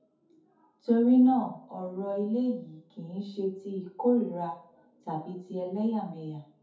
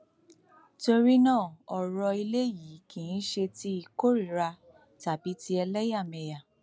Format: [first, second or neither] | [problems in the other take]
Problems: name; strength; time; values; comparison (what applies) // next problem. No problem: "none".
second | room echo; dies away in 0.5 s